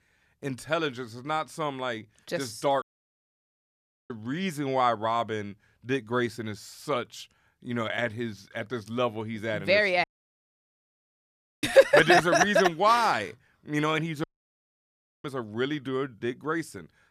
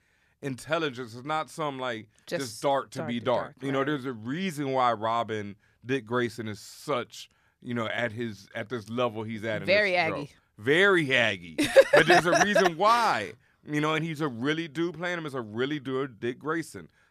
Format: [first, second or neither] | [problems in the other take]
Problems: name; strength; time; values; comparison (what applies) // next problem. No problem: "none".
second | audio cutting out; at 3 s for 1.5 s, at 10 s for 1.5 s and at 14 s for 1 s